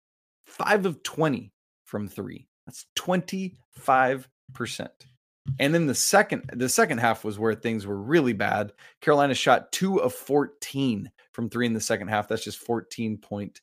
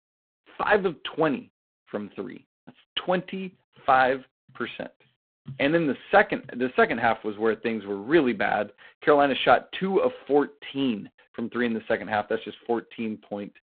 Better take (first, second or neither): first